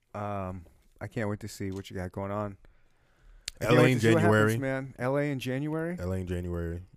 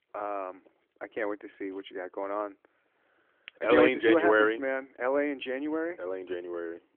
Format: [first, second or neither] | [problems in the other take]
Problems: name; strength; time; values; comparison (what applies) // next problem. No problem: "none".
first | phone-call audio; nothing above 3.5 kHz